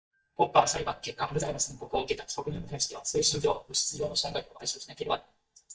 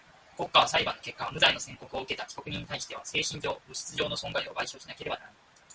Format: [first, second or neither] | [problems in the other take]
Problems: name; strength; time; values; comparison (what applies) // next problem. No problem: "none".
second | noise reduction (neural mask model DeepFilterNet 3)